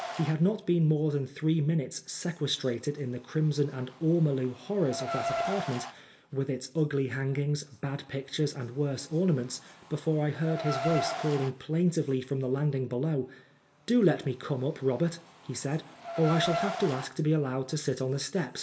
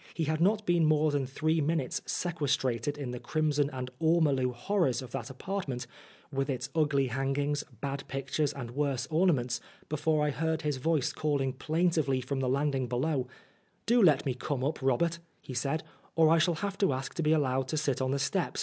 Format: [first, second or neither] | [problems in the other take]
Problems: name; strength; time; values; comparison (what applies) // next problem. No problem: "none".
second | background sound (Car); 11 dB below the speech // room echo; dies away in 0.7 s